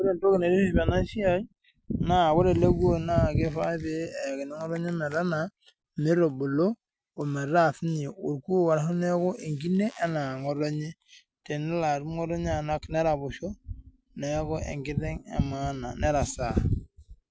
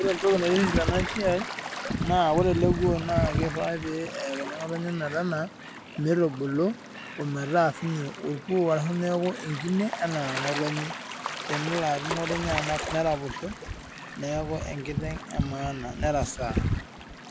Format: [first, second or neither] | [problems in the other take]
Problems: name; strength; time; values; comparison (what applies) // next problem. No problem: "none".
first | background sound (Gull, seagull / Waves, surf); 9 dB below the speech